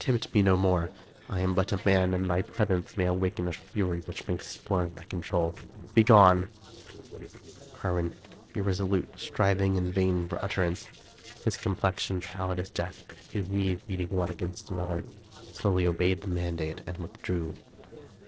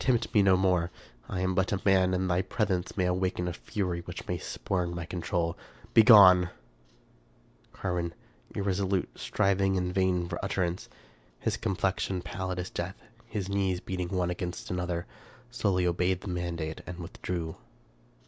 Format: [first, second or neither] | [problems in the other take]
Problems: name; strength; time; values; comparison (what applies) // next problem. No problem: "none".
second | noise reduction (neural separator model SepFormer DNS4)